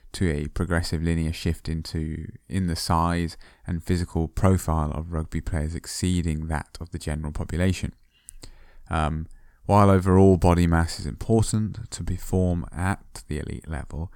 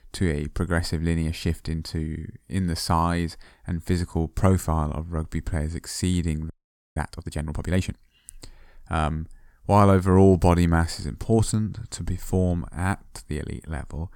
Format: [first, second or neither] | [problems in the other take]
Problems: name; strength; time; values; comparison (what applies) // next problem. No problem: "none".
first | audio freezing; at 6.5 s